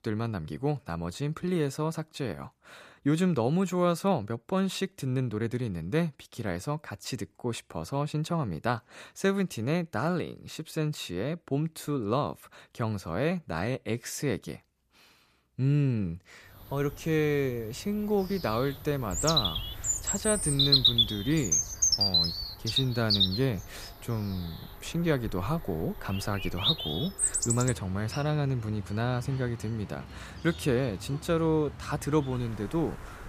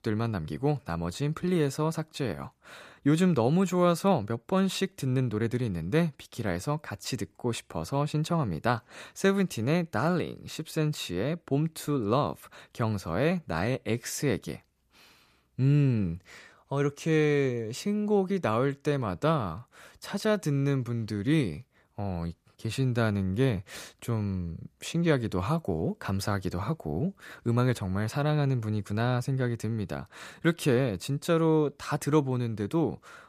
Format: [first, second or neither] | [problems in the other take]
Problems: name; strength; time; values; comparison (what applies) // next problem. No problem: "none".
second | animal sounds; very loud; from 17 s on; 5 dB above the speech